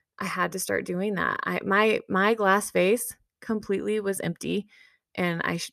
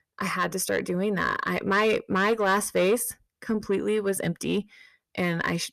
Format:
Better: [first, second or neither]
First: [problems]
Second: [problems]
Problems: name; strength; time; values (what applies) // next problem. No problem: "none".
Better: first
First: none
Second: distortion; slight; 10 dB below the speech